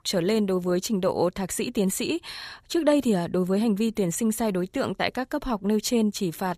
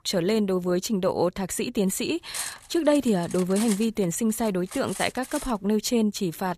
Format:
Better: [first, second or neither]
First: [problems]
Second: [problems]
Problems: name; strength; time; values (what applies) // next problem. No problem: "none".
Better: first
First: none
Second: clattering dishes; noticeable; from 2.5 to 5.5 s; peak 7 dB below the speech